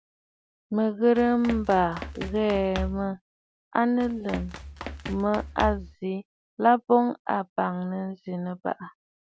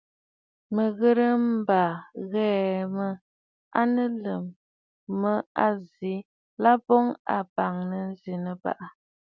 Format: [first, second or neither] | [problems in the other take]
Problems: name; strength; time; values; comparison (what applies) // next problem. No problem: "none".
second | background sound (Run); 10 dB below the speech